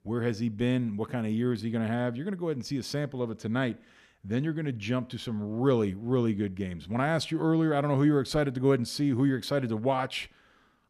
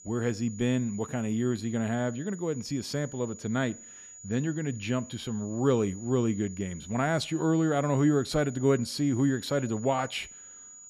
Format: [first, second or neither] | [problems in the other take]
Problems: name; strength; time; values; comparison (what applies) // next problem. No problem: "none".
first | high-pitched whine; noticeable; throughout; 7 kHz, 15 dB below the speech